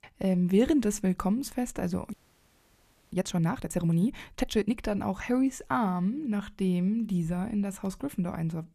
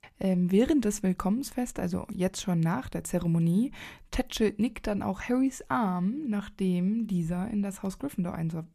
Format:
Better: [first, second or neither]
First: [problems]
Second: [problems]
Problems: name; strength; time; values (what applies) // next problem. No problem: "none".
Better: second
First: audio freezing; at 2 s for 1 s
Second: none